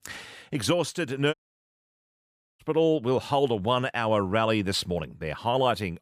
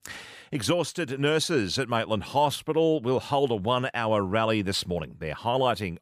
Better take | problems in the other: second | audio cutting out; at 1.5 s for 1 s

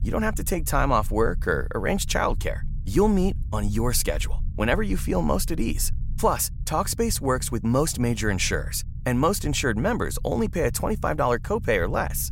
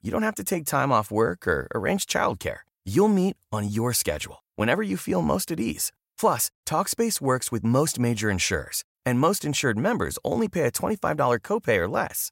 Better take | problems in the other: second | low rumble; faint; throughout; 25 dB below the speech

